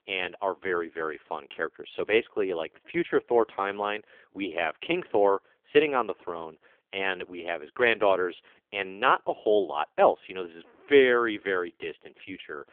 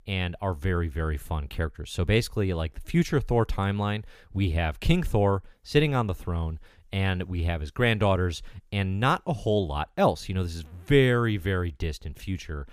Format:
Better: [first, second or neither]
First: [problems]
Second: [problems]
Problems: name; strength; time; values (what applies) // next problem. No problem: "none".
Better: second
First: phone-call audio; poor line; nothing above 3.5 kHz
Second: none